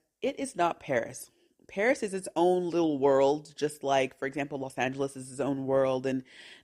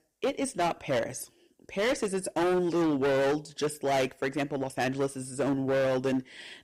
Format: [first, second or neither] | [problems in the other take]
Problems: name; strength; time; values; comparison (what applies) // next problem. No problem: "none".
first | distortion; heavy; 16% of the sound clipped